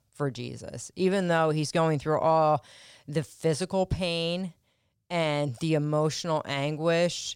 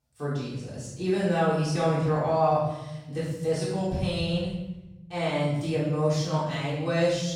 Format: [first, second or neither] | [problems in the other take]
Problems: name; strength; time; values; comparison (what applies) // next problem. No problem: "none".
first | room echo; strong; dies away in 1.1 s // off-mic speech; far